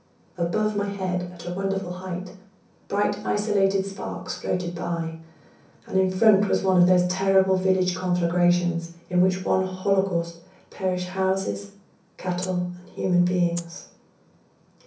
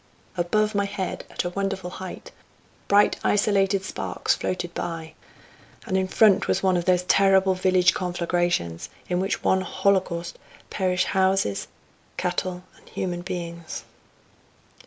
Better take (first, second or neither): second